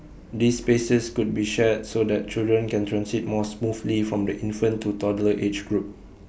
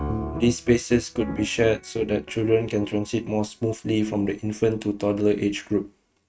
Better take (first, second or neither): first